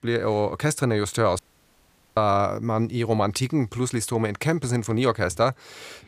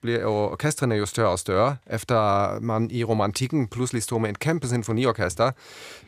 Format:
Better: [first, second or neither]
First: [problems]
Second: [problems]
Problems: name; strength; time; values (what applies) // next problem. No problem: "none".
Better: second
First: audio cutting out; at 1.5 s for 1 s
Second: none